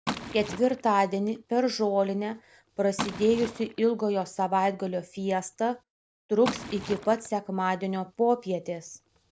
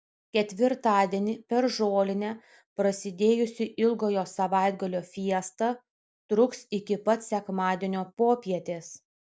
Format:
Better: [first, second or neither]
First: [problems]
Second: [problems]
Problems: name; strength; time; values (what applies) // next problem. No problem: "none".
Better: second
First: background sound (Liquid); 14 dB below the speech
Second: none